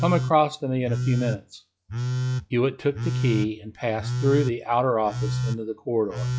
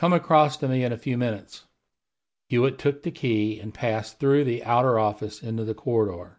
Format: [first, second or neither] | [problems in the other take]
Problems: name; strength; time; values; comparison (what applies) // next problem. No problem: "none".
second | noise reduction (classical method log-MMSE)